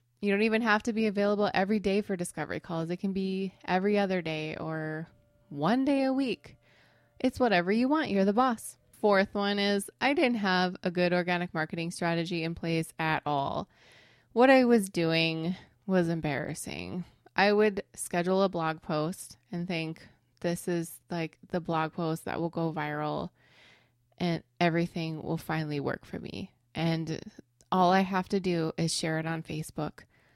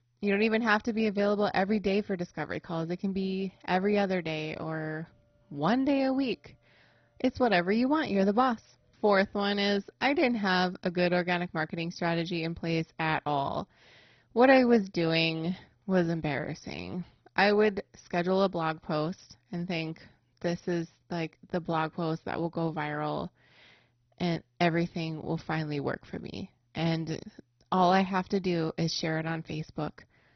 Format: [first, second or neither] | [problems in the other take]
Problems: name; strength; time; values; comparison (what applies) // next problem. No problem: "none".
first | garbled, watery; badly; nothing above 6 kHz